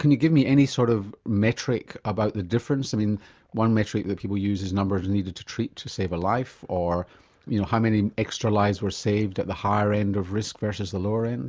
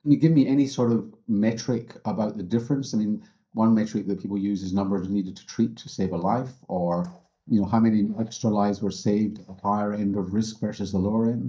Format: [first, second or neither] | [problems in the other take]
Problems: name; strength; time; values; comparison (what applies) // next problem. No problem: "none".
first | noise reduction (neural mask model DeepFilterNet 3)